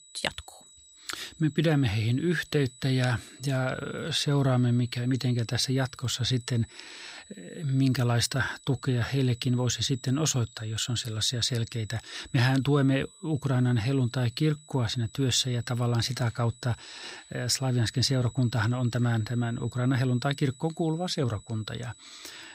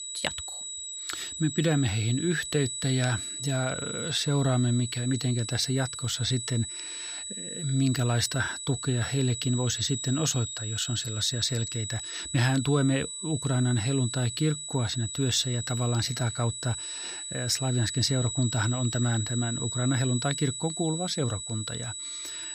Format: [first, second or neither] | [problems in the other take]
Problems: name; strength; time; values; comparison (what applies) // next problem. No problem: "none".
first | high-pitched whine; loud; throughout; 8 kHz, 5 dB below the speech; faint in the first